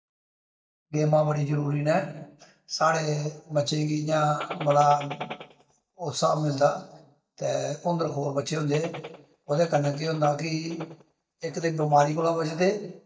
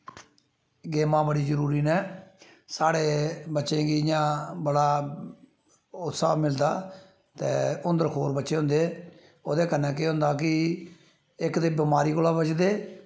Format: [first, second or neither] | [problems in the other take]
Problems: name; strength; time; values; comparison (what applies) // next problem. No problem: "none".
second | noise reduction (neural mask model DeepFilterNet 3)